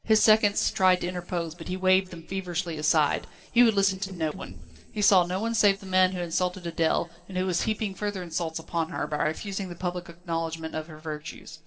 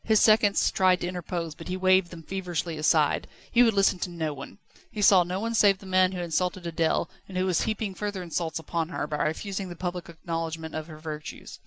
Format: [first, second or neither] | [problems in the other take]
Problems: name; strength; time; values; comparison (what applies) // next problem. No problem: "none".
second | noise reduction (neural separator model SepFormer DNS4)